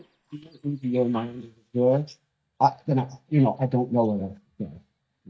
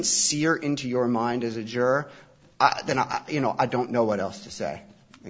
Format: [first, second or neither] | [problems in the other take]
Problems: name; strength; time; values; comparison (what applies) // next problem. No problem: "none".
second | noise reduction (neural mask model DeepFilterNet 3)